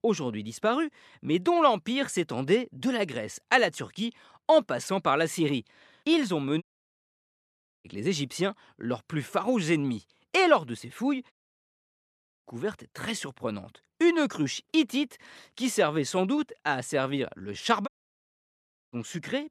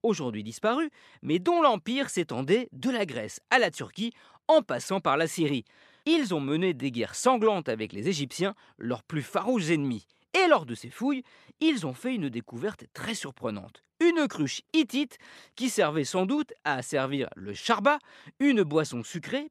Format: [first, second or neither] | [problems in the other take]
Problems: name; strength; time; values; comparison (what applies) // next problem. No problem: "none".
second | audio cutting out; at 6.5 s for 1 s, at 11 s for 1 s and at 18 s for 1 s